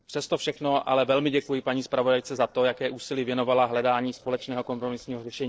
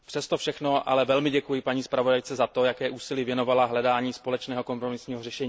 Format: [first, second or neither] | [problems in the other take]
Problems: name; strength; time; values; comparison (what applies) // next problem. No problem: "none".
second | noise reduction (neural separator model SepFormer DNS4)